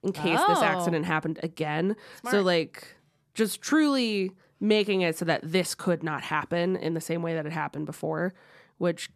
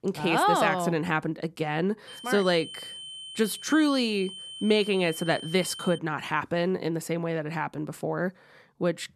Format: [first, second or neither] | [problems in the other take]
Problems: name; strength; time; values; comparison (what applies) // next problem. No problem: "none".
first | high-pitched whine; noticeable; from 2 to 6 s; 3 kHz, 10 dB below the speech